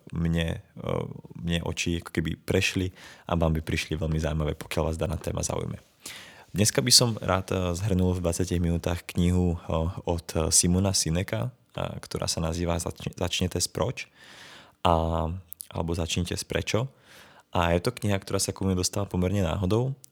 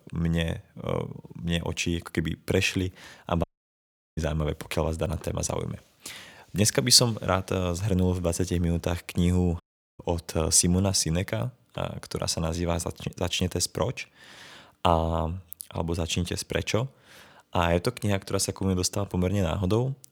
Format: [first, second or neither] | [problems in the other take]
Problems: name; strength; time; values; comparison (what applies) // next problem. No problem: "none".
first | audio cutting out; at 3.5 s for 0.5 s and at 9.5 s